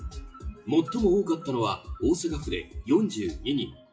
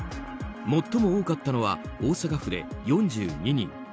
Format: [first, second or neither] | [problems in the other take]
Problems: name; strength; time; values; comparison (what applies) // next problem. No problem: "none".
second | noise reduction (classical method WPE with log-MMSE)